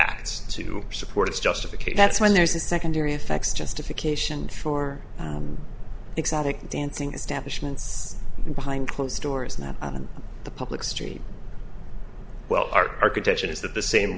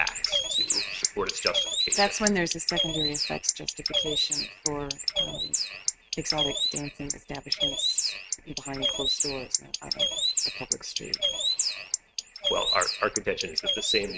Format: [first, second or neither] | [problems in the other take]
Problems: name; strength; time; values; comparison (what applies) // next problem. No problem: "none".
first | noise reduction (neural mask model RNNoise)